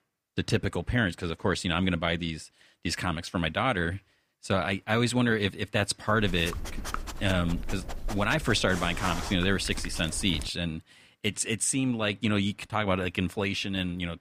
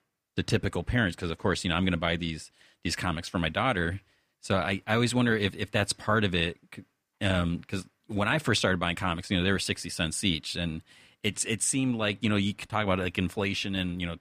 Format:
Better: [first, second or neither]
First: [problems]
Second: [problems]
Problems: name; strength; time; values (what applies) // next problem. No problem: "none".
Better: second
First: dog barking; noticeable; from 6 to 10 s; peak 7 dB below the speech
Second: none